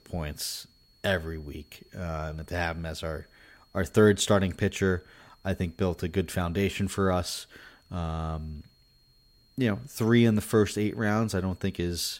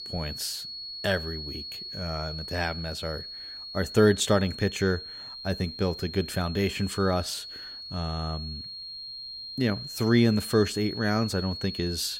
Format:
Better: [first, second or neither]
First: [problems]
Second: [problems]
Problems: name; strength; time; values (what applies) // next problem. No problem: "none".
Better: first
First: high-pitched whine; faint; throughout; 4.5 kHz, 35 dB below the speech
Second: high-pitched whine; loud; throughout; 4.5 kHz, 9 dB below the speech